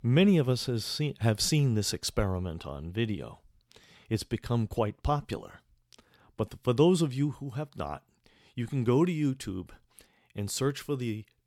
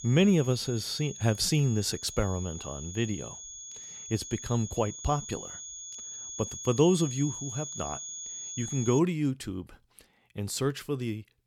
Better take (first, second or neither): first